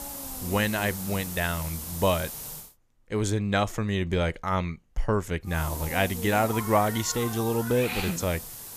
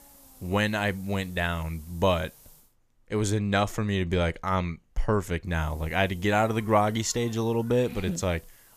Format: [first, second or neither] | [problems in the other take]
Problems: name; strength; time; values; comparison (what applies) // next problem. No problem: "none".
second | hiss; loud; until 2.5 s and from 5.5 s on; 7 dB below the speech; faint in the second